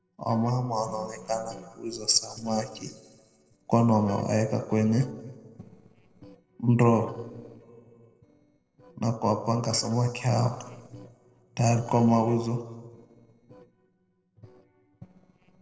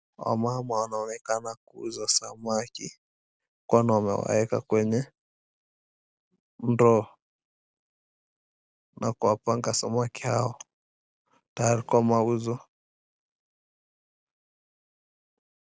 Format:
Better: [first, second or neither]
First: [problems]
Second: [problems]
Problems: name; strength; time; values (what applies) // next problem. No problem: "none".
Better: second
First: noise reduction (neural separator model SepFormer DNS4)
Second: none